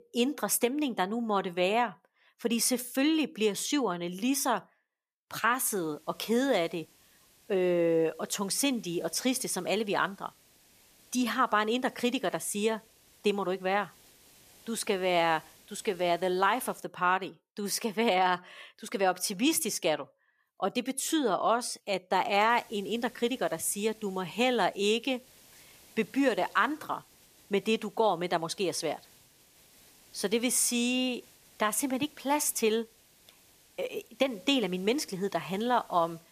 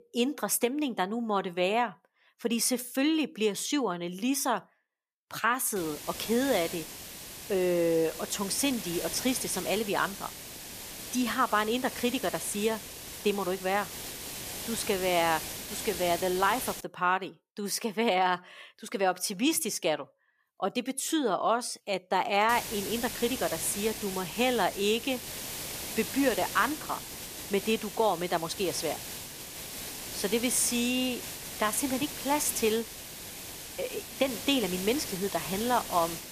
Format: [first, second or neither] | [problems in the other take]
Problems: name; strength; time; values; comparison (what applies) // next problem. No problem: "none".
first | hiss; loud; from 6 to 17 s and from 22 s on; 8 dB below the speech; faint in the first